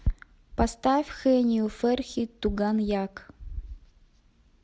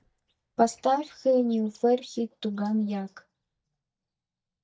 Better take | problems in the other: first | noise reduction (neural mask model DeepFilterNet 3)

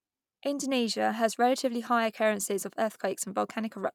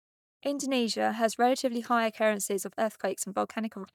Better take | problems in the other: first | noise reduction (neural mask model DeepFilterNet 3)

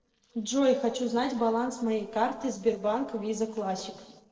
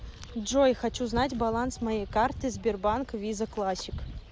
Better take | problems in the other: second | noise reduction (neural separator model SepFormer DNS4)

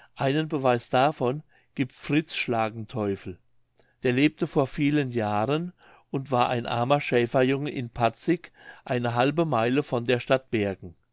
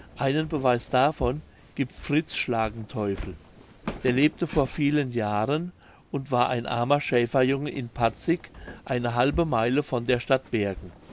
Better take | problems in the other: first | background sound (Walk, footsteps); 16 dB below the speech

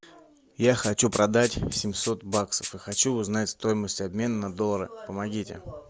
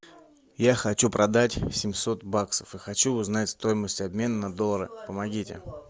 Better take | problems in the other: second | background sound (Rattle (instrument)); 14 dB below the speech

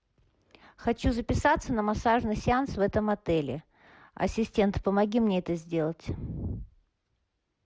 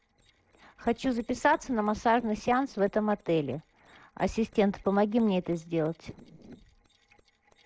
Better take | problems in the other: first | noise reduction (neural separator model SepFormer DNS4)

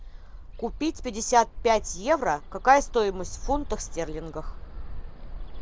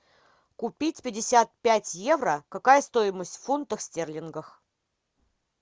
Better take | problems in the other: second | background sound (Bird); 9 dB below the speech

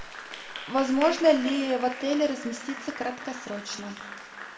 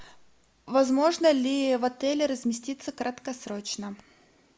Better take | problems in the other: second | background sound (Applause); 12 dB below the speech // room echo; dies away in 1.4 s

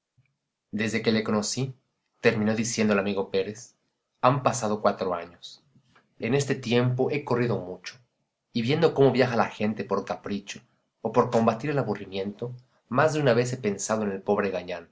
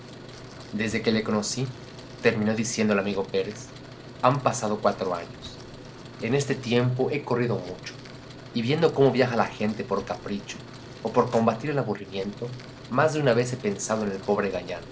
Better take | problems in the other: first | background sound (Truck); 16 dB below the speech

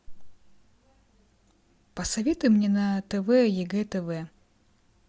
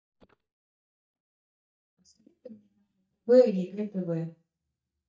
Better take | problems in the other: first | noise reduction (neural mask model DeepFilterNet 3)

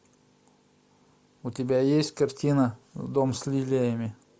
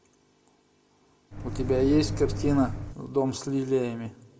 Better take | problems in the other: first | background sound (Microwave oven); 3 dB below the speech // room echo; dies away in 0.7 s

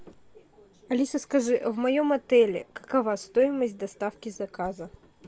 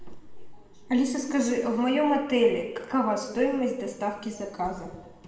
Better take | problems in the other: first | room echo; dies away in 1 s

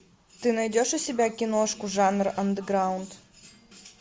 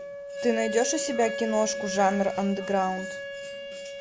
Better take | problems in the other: first | background sound (Wind instrument, woodwind instrument); 6 dB below the speech

